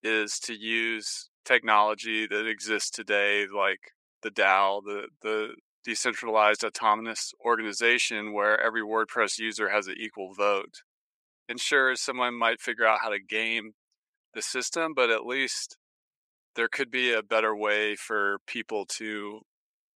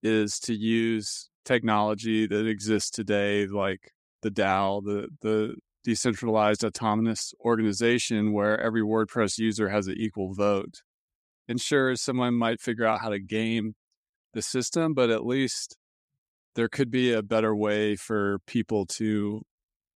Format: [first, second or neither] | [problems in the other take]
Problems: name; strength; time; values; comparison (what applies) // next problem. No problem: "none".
second | thin; very; fading below 550 Hz